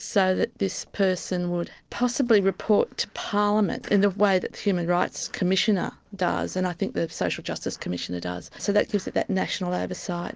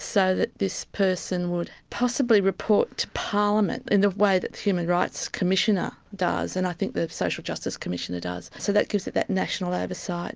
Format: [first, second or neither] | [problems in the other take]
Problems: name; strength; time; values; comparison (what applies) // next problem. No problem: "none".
second | noise reduction (neural separator model SepFormer DNS4)